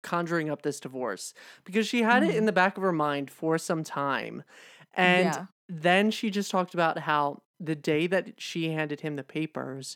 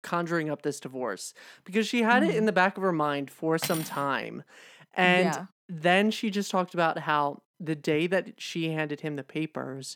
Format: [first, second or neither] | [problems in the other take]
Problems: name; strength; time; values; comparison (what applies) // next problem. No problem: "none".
first | clattering dishes; noticeable; at 3.5 s; peak 6 dB below the speech